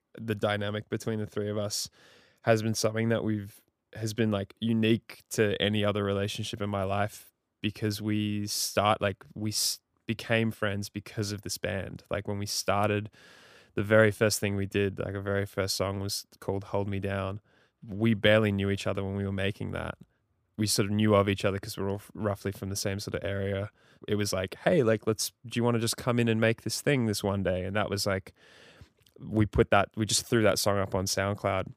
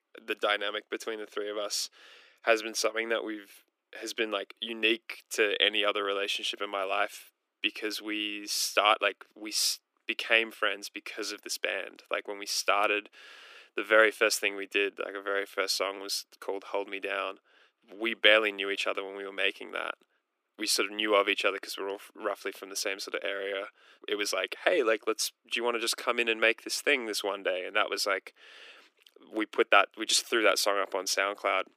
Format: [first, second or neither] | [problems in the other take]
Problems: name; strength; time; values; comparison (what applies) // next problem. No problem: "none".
first | thin; very; fading below 300 Hz